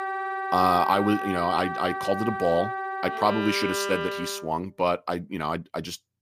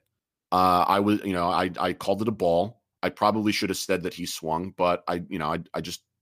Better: second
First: background music; loud; until 4.5 s; 4 dB below the speech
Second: none

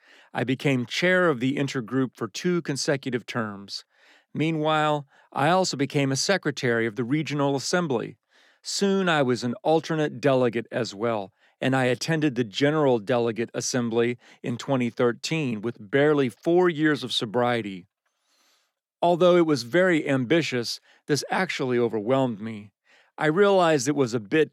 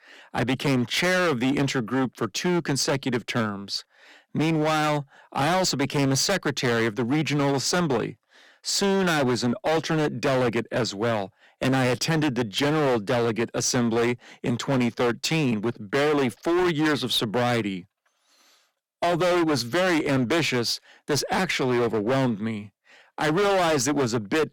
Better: first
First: none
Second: distortion; heavy; 22% of the sound clipped

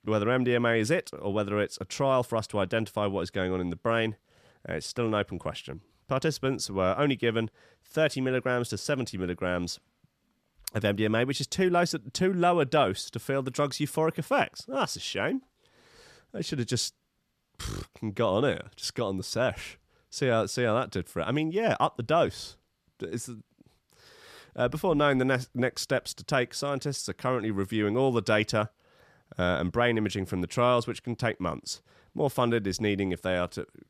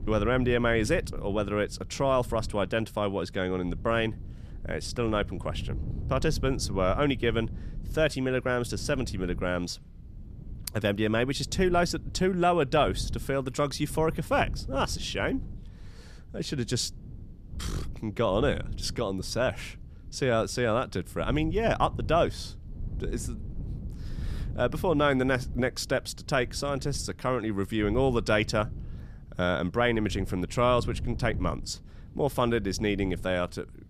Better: first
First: none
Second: wind noise on the microphone; occasional gusts; 25 dB below the speech

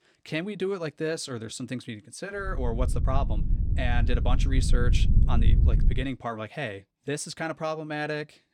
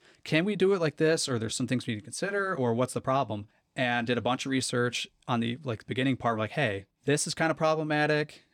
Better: second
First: low rumble; loud; from 2.5 to 6 s; 10 dB below the speech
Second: none

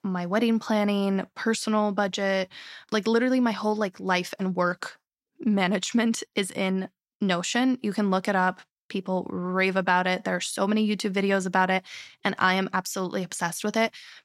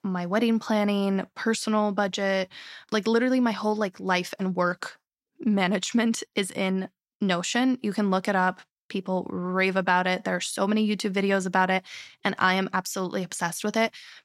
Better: neither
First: none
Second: none

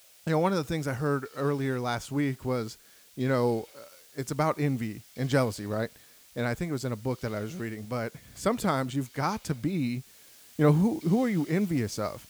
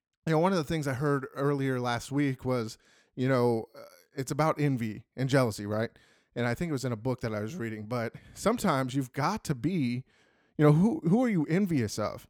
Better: second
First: hiss; faint; throughout; 25 dB below the speech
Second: none

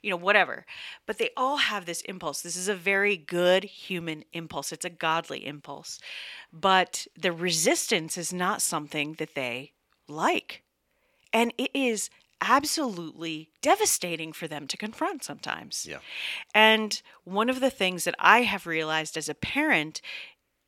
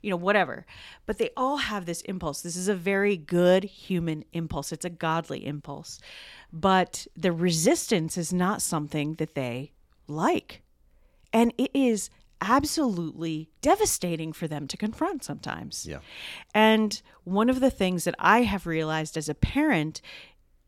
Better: second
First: thin; very slightly; fading below 550 Hz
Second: none

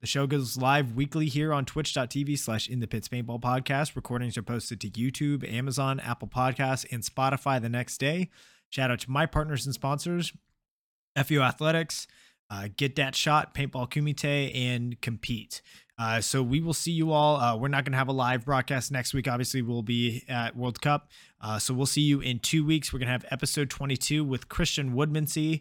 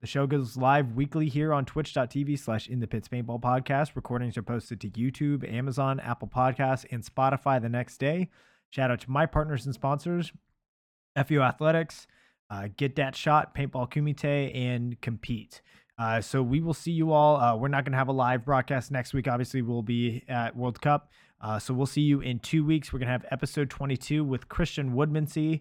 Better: first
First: none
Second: muffled; slightly; fading above 3 kHz

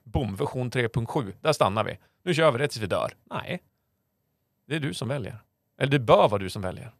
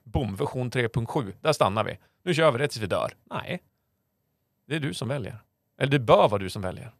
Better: neither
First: none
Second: none

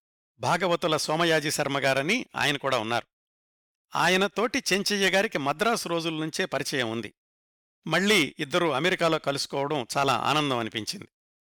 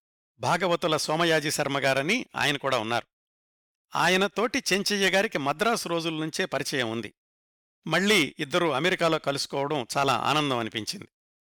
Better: neither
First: none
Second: none

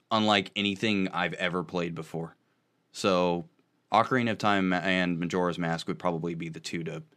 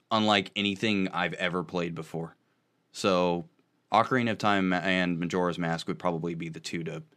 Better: neither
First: none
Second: none

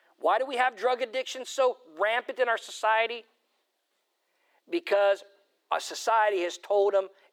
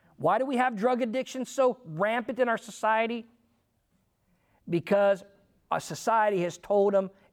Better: second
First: thin; very; fading below 350 Hz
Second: none

